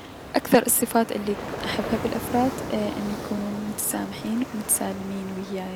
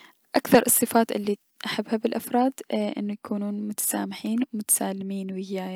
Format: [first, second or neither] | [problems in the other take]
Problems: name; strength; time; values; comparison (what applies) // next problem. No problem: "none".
second | background sound (Ocean); 9 dB below the speech